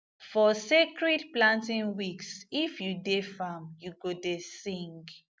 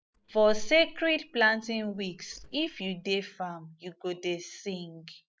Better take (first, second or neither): first